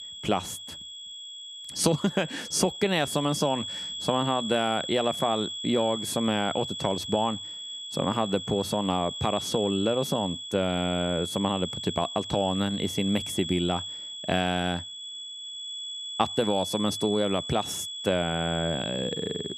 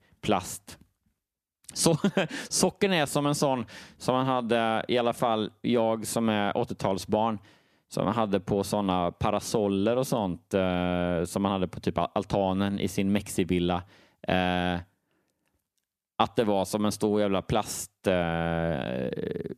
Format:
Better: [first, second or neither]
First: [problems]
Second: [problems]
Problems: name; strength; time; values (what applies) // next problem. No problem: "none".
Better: second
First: high-pitched whine; loud; throughout; 3.5 kHz, 6 dB below the speech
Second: none